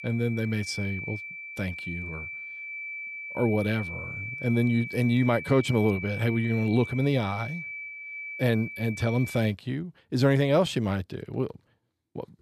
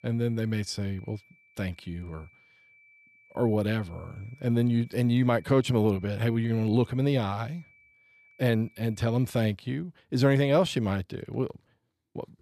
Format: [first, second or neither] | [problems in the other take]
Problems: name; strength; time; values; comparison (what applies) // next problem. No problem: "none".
second | high-pitched whine; loud; until 9.5 s; 2.5 kHz, 9 dB below the speech; faint in the second